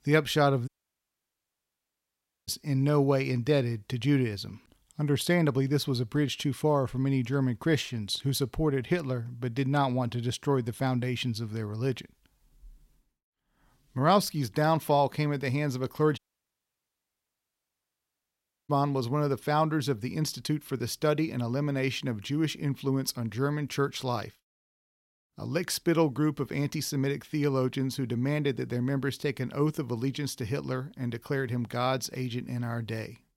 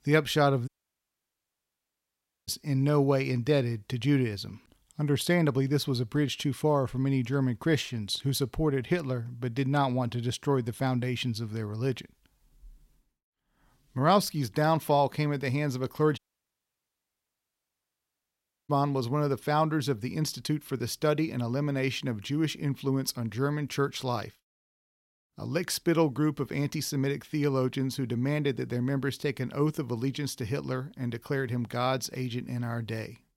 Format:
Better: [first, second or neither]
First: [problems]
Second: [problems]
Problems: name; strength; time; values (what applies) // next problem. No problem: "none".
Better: neither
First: audio cutting out; at 0.5 s for 2 s and at 16 s for 2.5 s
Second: audio cutting out; at 0.5 s for 2 s and at 16 s for 2.5 s